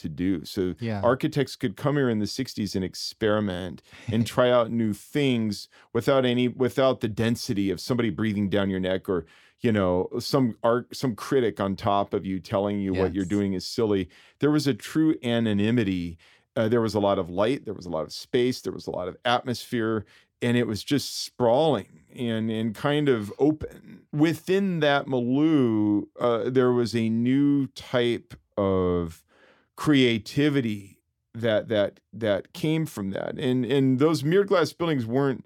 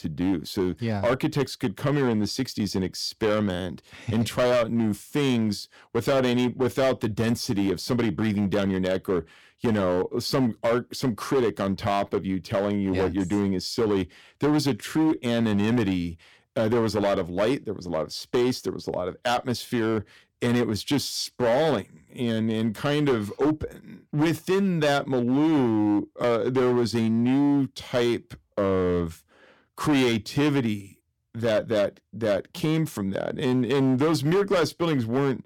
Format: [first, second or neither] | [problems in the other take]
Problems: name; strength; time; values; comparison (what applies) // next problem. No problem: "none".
first | distortion; slight; 11% of the sound clipped